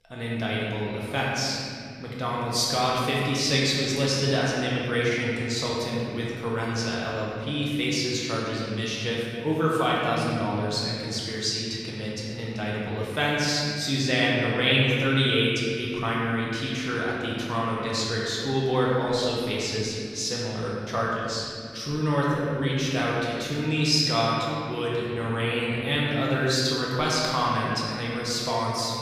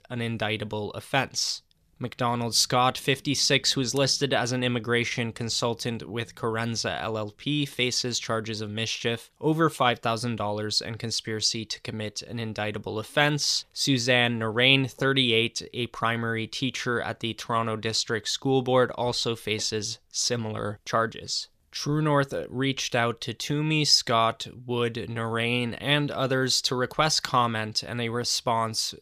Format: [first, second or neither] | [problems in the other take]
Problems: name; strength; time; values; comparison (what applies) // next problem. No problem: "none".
second | room echo; strong; dies away in 2.6 s // off-mic speech; far